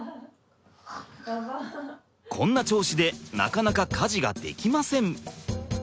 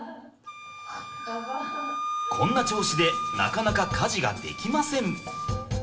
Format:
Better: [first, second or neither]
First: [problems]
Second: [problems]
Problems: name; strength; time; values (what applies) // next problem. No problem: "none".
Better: first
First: none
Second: background sound (Wind instrument, woodwind instrument); 5 dB below the speech // room echo; dies away in 0.7 s